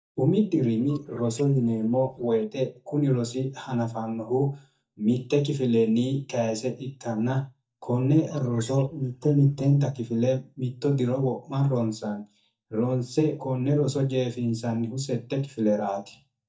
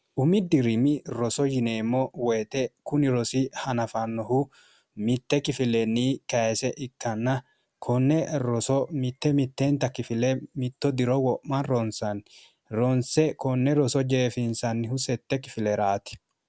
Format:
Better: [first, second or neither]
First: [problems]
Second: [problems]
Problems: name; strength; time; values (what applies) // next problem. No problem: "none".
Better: second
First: noise reduction (neural mask model DeepFilterNet 3)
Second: none